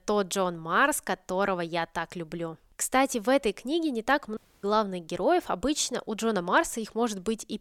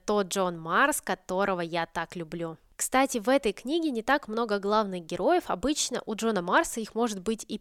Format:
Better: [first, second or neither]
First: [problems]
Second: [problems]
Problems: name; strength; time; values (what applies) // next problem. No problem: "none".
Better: second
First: audio cutting out; at 4.5 s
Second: none